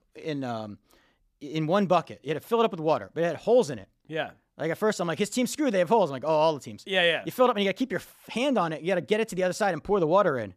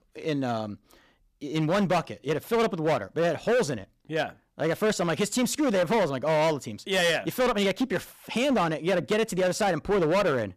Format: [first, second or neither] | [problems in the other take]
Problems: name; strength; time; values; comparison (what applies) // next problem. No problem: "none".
first | distortion; heavy; 15% of the sound clipped